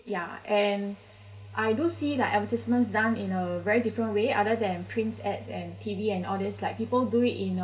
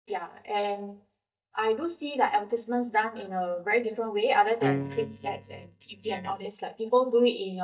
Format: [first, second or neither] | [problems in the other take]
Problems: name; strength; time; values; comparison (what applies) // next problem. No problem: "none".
first | noise reduction (neural mask model DeepFilterNet 3)